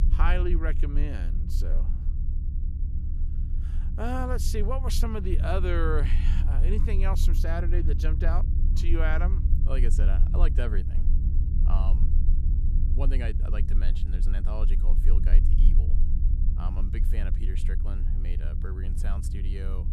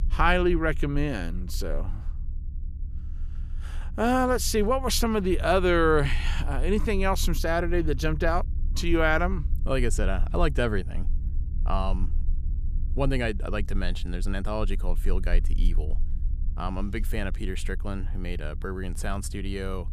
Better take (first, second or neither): second